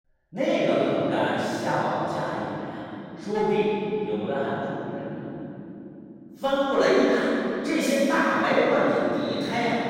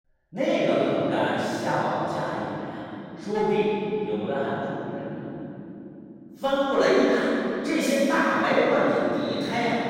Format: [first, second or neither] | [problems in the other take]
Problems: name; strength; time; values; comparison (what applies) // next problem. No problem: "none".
neither | room echo; strong; dies away in 3 s; the same in both // off-mic speech; far; the same in both